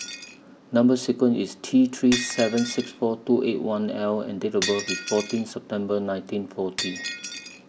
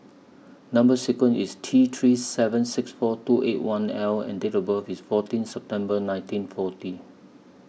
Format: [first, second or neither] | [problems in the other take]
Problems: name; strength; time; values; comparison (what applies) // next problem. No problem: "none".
second | background sound (Shatter); 12 dB below the speech